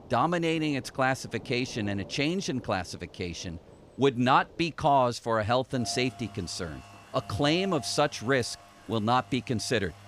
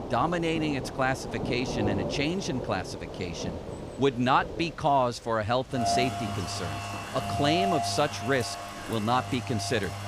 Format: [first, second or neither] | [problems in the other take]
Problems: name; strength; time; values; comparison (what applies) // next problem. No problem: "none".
first | rain or running water; loud; throughout; 5 dB below the speech; faint in the first